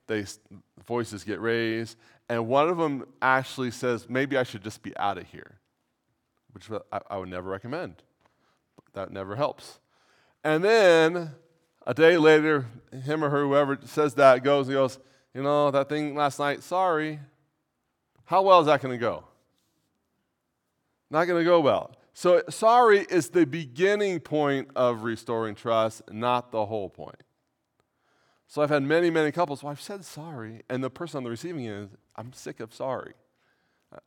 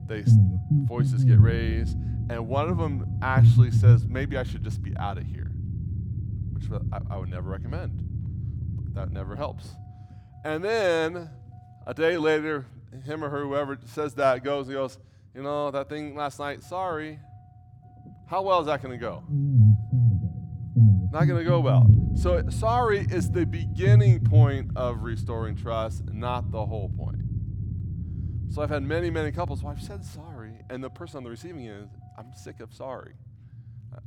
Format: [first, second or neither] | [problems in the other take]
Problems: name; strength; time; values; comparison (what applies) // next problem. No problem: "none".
first | low rumble; loud; throughout; 7 dB below the speech